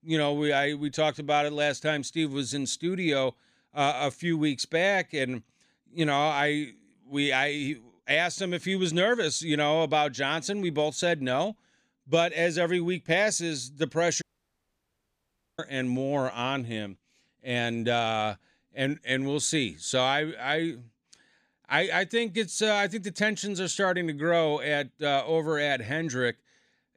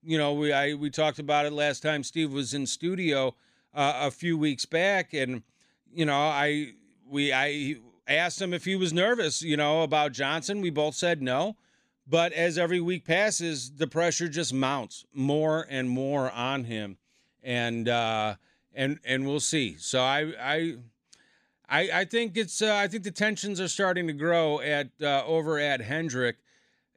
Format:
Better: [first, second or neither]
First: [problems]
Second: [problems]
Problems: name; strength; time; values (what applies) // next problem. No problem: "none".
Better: second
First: audio cutting out; at 14 s for 1.5 s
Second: none